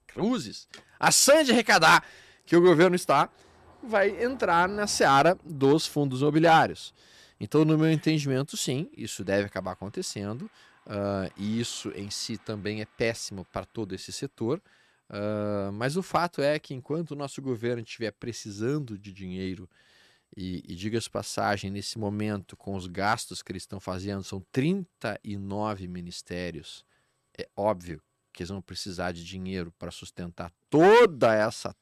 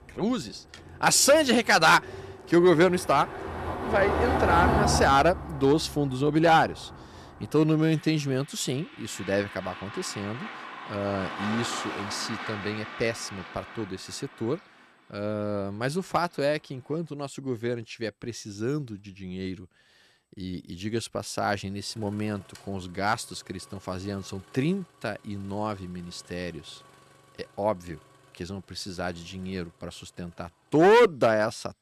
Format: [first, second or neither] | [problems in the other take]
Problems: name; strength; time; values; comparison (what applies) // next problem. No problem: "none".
first | traffic noise; loud; throughout; 7 dB below the speech; faint in the first